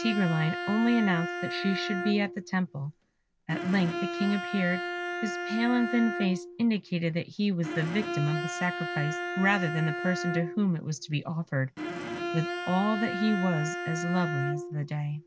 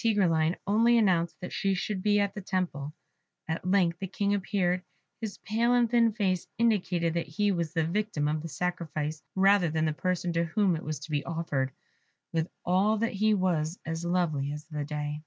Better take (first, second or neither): second